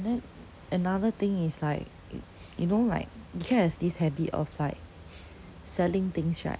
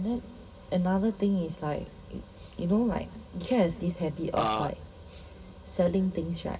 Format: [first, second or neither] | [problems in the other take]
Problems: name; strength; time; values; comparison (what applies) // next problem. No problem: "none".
first | background sound (Burping, eructation); 2 dB above the speech // room echo; dies away in 1.6 s